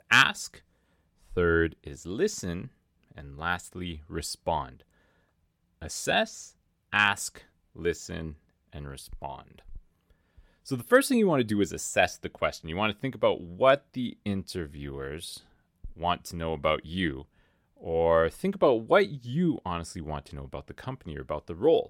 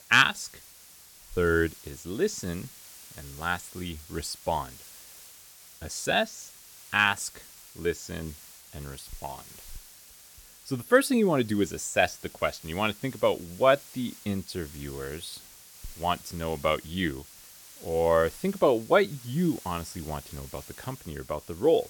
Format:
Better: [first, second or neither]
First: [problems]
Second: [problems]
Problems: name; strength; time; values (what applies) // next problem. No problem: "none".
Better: first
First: none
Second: hiss; noticeable; throughout; 20 dB below the speech